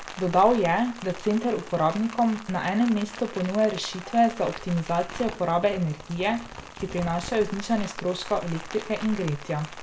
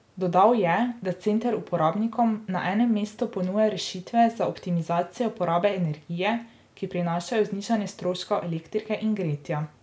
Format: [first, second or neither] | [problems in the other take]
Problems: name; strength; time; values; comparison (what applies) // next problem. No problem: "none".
second | background sound (Rain); 13 dB below the speech